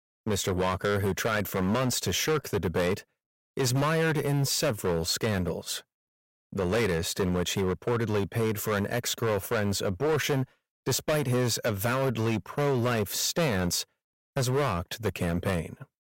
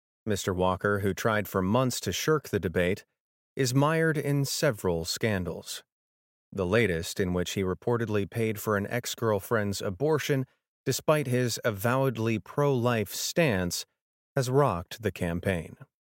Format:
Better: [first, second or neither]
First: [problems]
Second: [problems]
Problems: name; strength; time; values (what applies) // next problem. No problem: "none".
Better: second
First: distortion; heavy; 14% of the sound clipped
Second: none